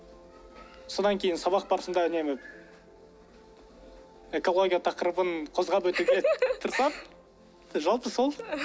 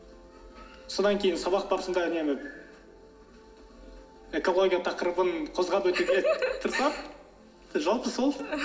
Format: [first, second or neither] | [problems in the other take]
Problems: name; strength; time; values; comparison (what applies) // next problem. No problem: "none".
first | room echo; dies away in 1.1 s